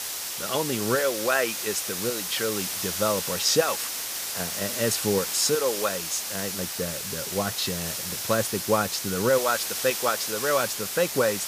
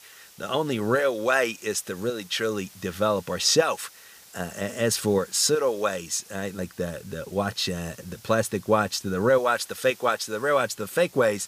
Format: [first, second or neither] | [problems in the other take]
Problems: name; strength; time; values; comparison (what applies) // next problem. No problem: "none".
second | hiss; loud; throughout; 2 dB below the speech; faint in the second